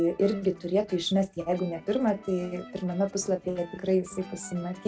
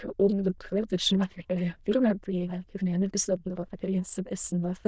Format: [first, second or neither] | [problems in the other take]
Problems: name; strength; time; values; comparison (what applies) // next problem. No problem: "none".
first | noise reduction (neural diffusion model UNIVERSE++)